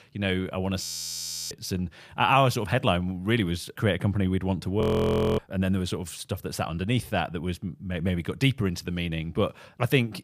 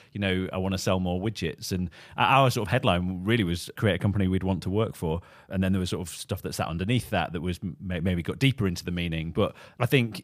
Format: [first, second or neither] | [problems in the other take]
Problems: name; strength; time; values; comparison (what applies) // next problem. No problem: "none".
second | audio freezing; at 1 s for 0.5 s and at 5 s for 0.5 s